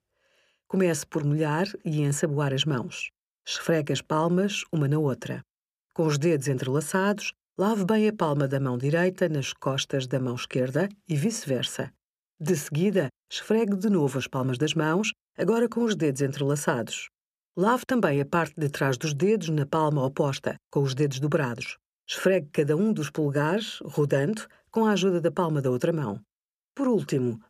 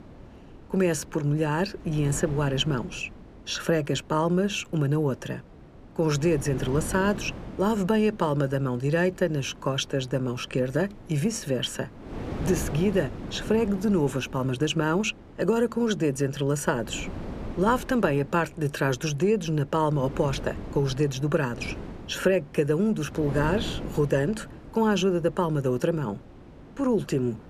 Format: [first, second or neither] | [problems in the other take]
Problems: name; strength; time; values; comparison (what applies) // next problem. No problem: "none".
first | wind noise on the microphone; occasional gusts; 15 dB below the speech